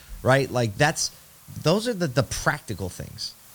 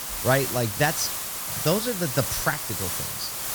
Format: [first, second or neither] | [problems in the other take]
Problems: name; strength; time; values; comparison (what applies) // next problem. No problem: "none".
first | hiss; loud; throughout; 1 dB below the speech; faint in the first